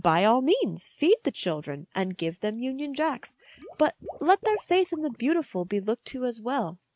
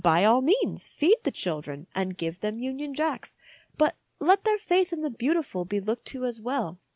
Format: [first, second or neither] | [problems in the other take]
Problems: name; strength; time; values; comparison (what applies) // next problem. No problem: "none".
second | noise reduction (neural mask model RNNoise)